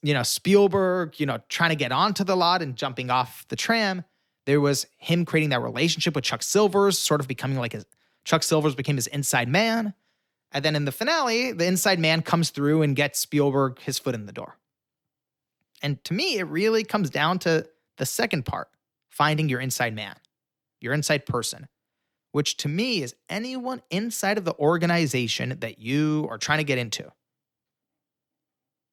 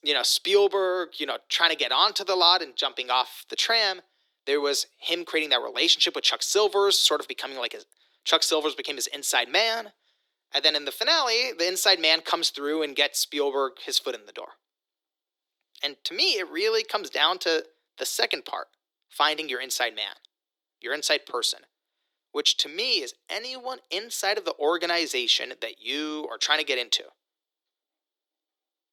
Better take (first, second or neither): first